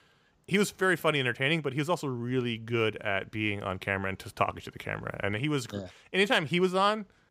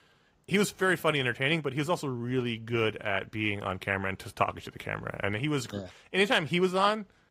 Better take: first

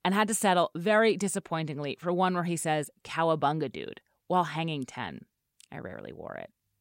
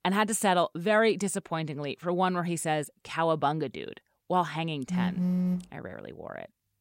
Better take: first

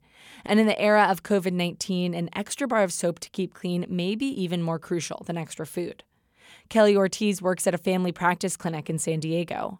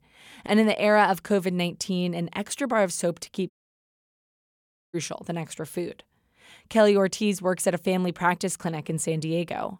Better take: first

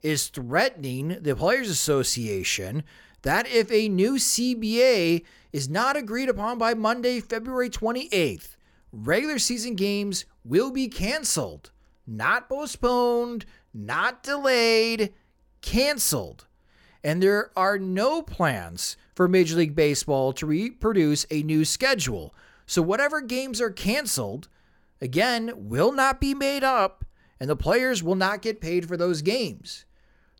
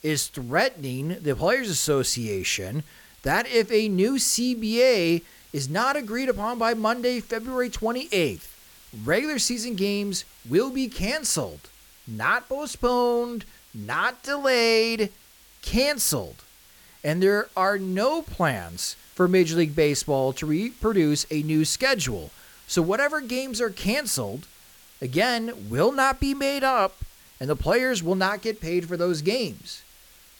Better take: first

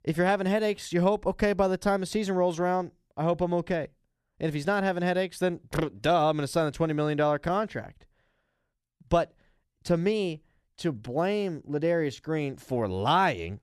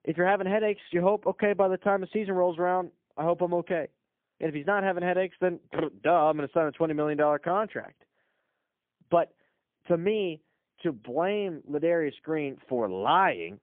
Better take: first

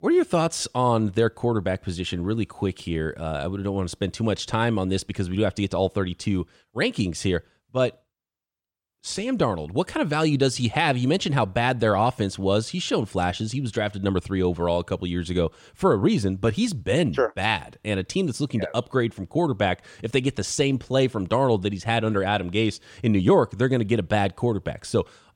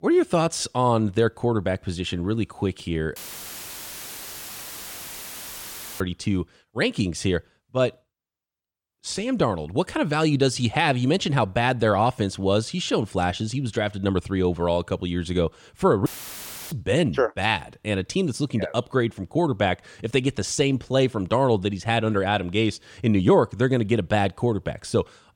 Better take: first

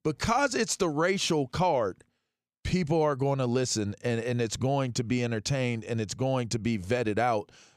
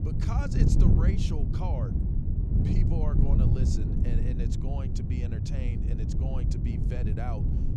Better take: first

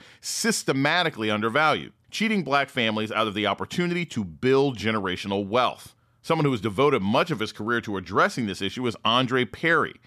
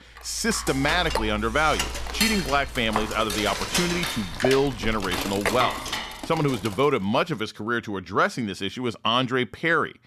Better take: first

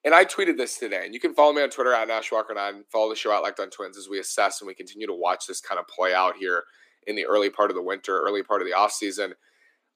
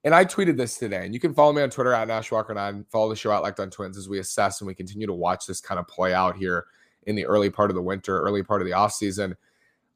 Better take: second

